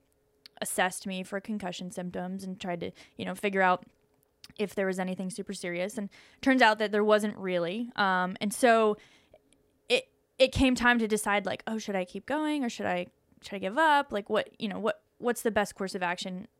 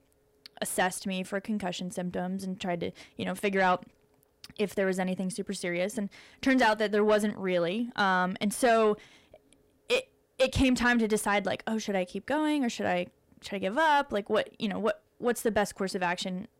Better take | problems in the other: first | distortion; slight; 10 dB below the speech

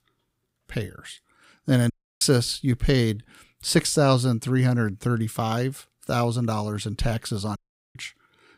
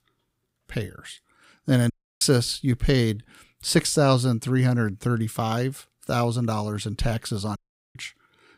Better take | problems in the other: neither | audio cutting out; at 2 s and at 7.5 s; the same in both

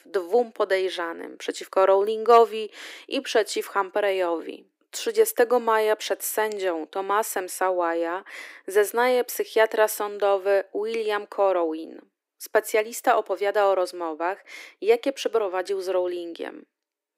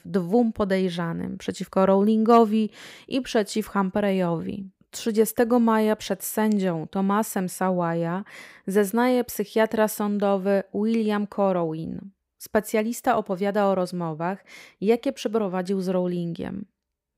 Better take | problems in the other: second | thin; very; fading below 300 Hz

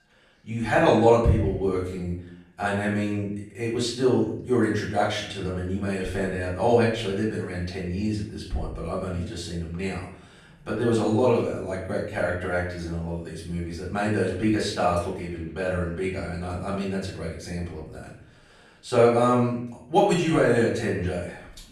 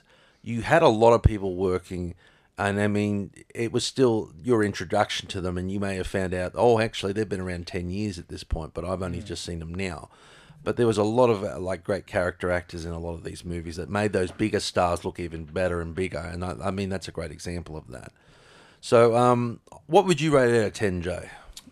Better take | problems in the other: second | off-mic speech; far // room echo; noticeable; dies away in 0.6 s

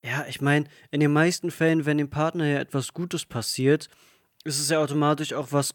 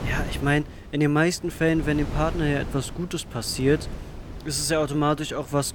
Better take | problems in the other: first | wind noise on the microphone; occasional gusts; 15 dB below the speech

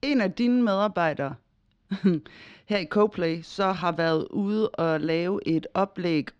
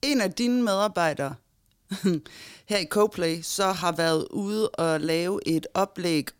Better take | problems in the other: second | muffled; slightly; fading above 3.5 kHz

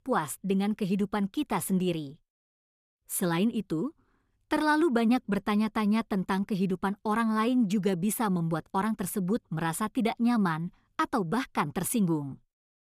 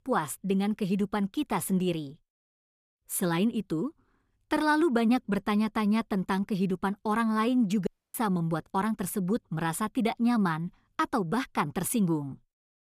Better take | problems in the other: first | audio cutting out; at 8 s

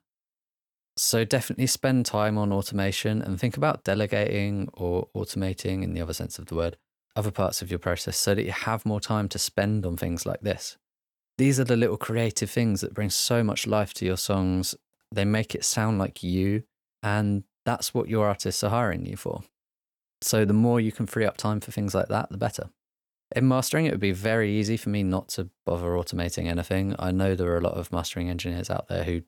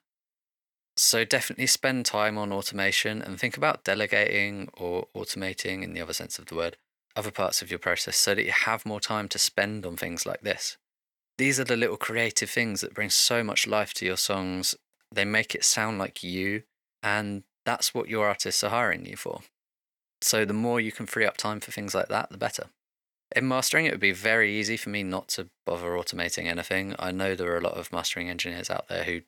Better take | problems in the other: first | thin; somewhat; fading below 450 Hz

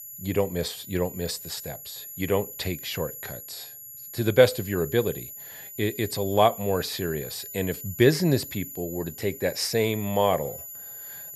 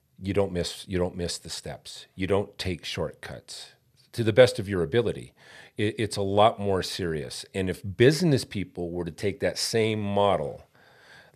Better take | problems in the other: second | high-pitched whine; noticeable; throughout; 11.5 kHz, 10 dB below the speech

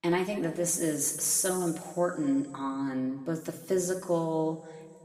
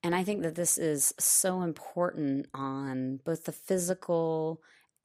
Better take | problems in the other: second | room echo; noticeable; dies away in 1.8 s // off-mic speech; somewhat distant

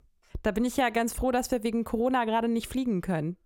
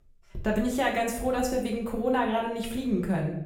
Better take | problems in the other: first | room echo; noticeable; dies away in 0.7 s // off-mic speech; far

